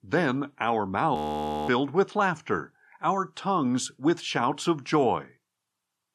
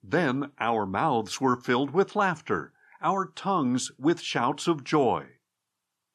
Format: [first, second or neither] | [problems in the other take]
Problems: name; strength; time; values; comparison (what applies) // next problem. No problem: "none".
second | audio freezing; at 1 s for 0.5 s